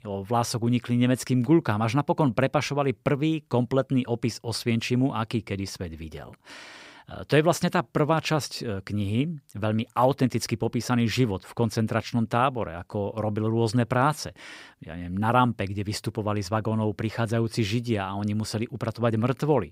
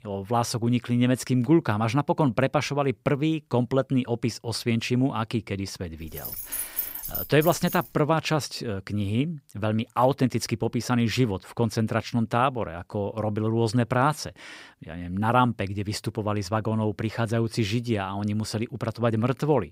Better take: first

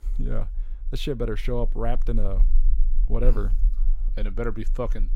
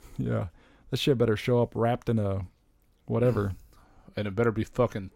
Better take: second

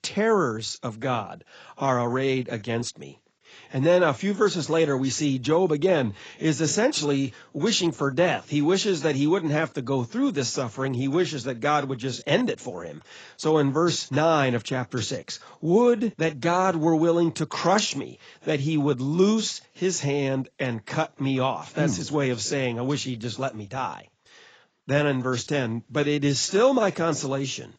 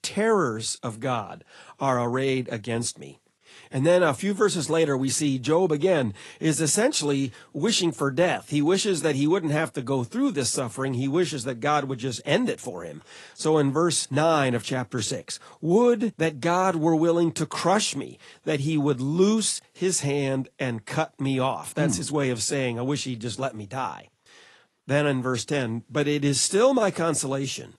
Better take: second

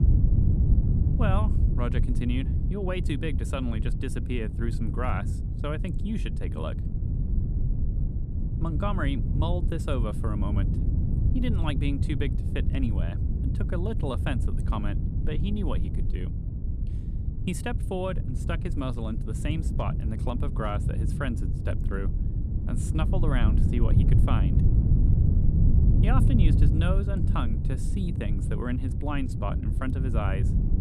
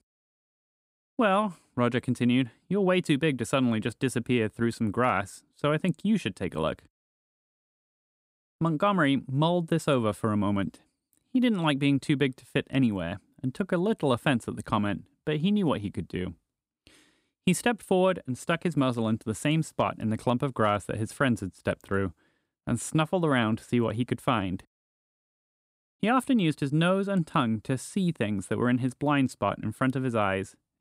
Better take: second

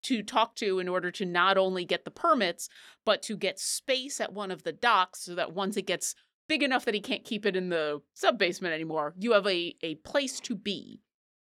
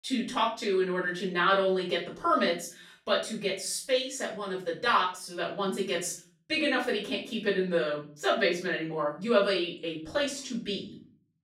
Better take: first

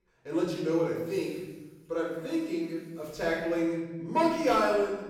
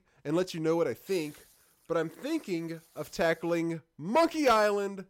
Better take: second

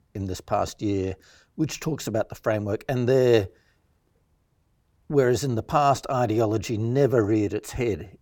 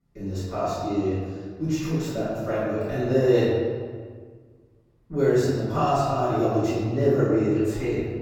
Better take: first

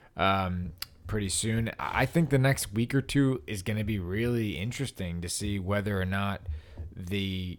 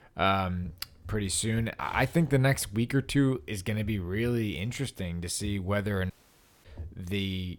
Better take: first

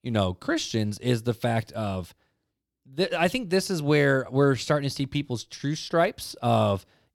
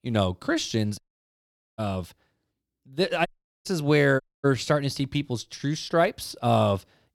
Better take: first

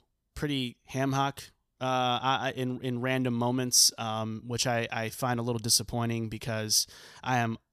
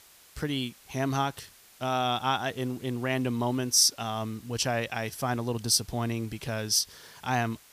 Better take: first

